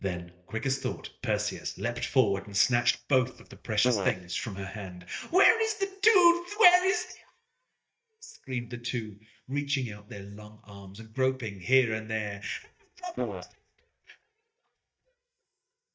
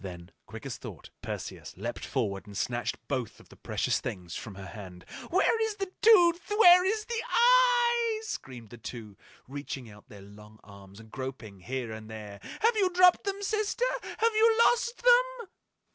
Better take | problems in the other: second | noise reduction (neural mask model DeepFilterNet 3)

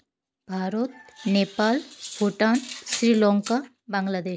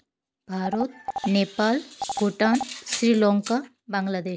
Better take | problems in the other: first | background sound (Telephone); 10 dB below the speech

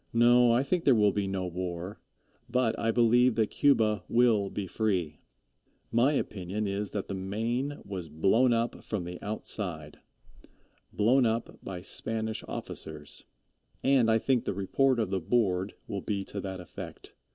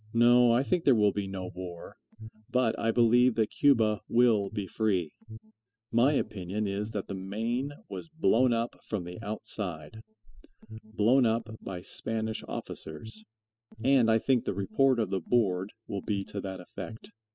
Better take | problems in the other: first | noise reduction (classical method spectral subtraction)

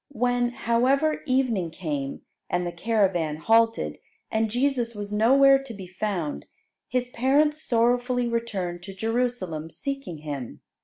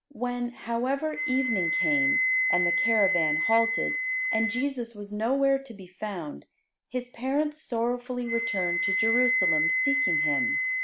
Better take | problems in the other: first | background sound (Wind instrument, woodwind instrument); 1 dB above the speech

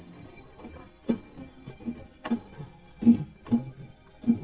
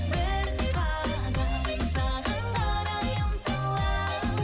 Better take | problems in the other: second | noise reduction (neural mask model DeepFilterNet 3)

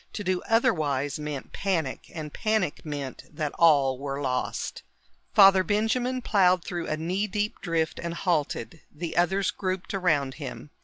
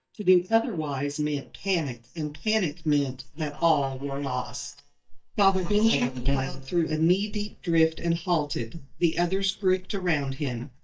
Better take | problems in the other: first | noise reduction (neural mask model DeepFilterNet 3)

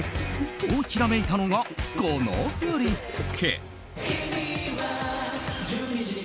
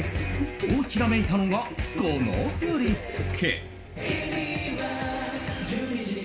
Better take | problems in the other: first | room echo; dies away in 1.5 s

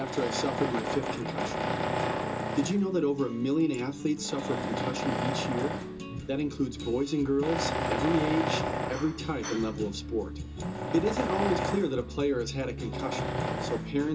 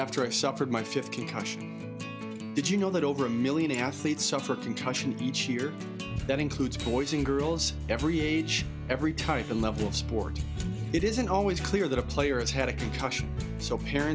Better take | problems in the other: second | background sound (Tools); 4 dB below the speech // room echo; dies away in 0.2 s

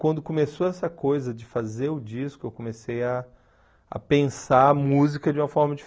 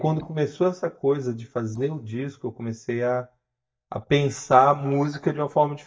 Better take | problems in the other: first | noise reduction (neural mask model DeepFilterNet 3)

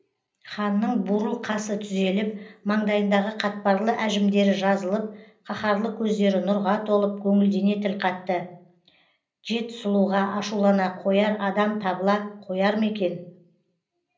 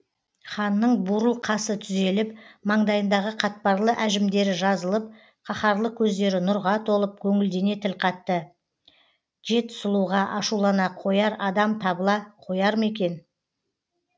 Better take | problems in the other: second | room echo; dies away in 0.5 s

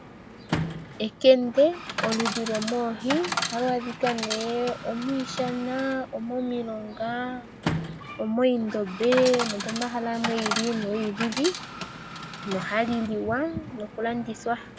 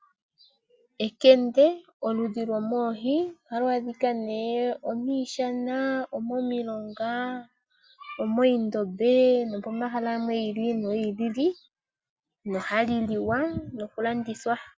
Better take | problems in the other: second | background sound (Coin (dropping) / Chatter); 7 dB below the speech

